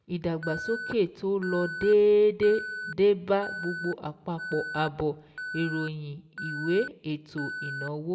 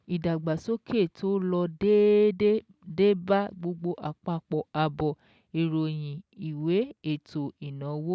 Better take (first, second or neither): second